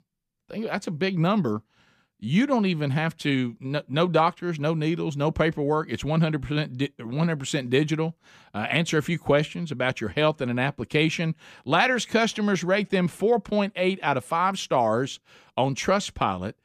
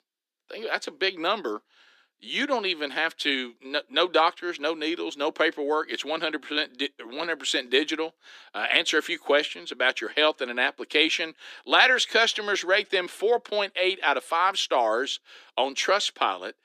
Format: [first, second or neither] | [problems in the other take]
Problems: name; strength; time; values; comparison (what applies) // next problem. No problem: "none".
first | thin; very; fading below 300 Hz